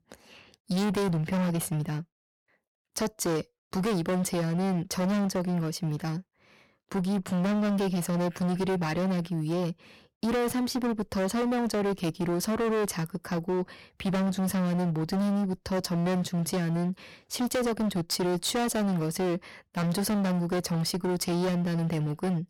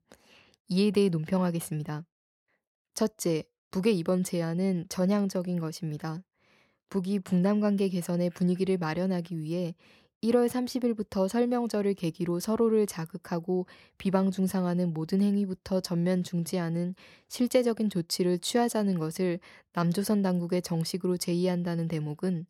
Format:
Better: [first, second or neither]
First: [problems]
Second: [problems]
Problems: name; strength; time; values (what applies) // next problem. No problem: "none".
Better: second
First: distortion; heavy; 28% of the sound clipped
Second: none